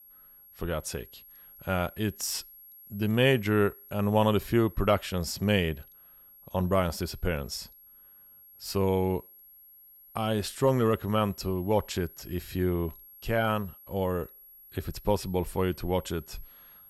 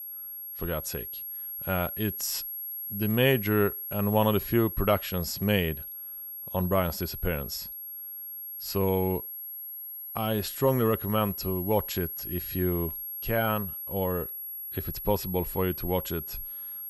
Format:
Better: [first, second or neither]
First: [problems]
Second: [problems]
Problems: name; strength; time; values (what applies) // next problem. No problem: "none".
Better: first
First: high-pitched whine; faint; throughout; 11.5 kHz, 20 dB below the speech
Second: high-pitched whine; loud; throughout; 11.5 kHz, 6 dB below the speech